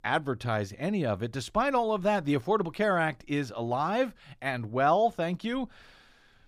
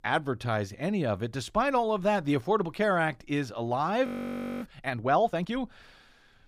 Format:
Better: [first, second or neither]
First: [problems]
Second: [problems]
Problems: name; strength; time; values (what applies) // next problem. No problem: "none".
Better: first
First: none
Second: audio freezing; at 4 s for 0.5 s